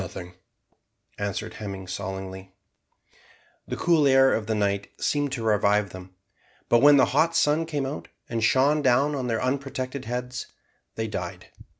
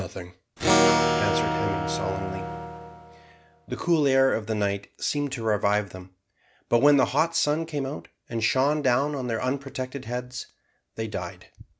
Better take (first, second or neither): first